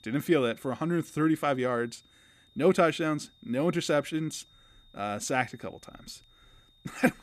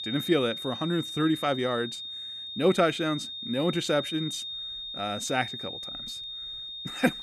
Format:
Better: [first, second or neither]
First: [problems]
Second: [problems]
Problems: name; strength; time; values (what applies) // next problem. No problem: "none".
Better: first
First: high-pitched whine; faint; throughout; 3.5 kHz, 30 dB below the speech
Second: high-pitched whine; loud; throughout; 3.5 kHz, 7 dB below the speech